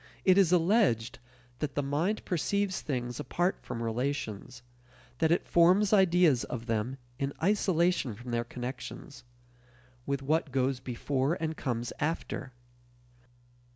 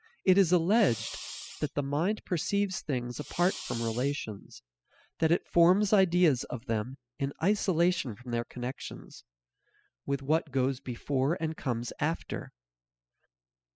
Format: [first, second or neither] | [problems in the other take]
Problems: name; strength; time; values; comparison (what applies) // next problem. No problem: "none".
first | noise reduction (classical method spectral subtraction)